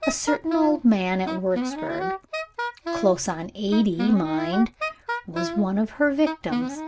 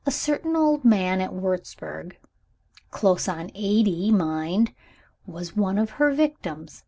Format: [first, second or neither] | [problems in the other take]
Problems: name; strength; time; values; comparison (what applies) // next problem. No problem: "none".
second | background sound (Wind instrument, woodwind instrument); 6 dB below the speech